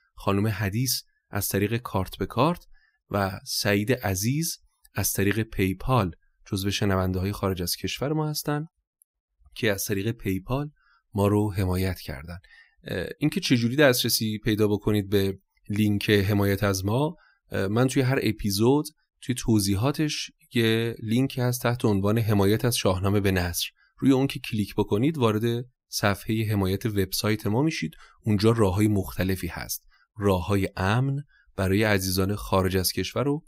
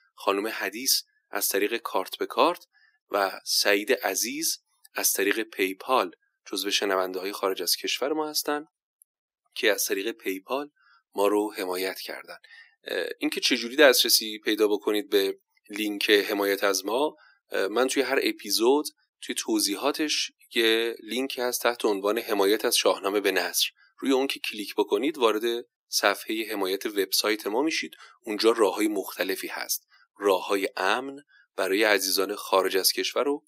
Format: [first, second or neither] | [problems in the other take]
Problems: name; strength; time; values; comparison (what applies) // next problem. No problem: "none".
first | thin; somewhat; fading below 300 Hz